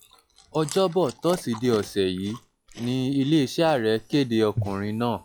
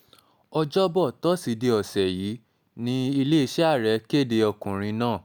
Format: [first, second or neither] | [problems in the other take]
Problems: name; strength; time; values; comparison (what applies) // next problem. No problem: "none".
second | noise reduction (classical method log-MMSE)